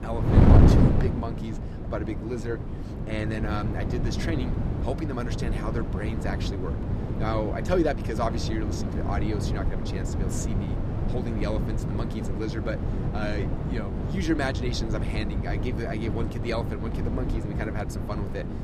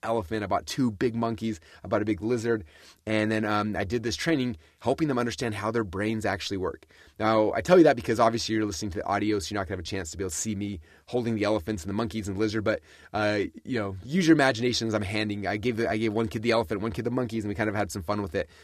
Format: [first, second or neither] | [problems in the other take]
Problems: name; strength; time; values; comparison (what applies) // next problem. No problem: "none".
second | wind noise on the microphone; heavy; 2 dB below the speech